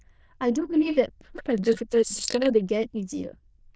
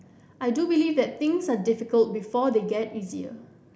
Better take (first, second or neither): second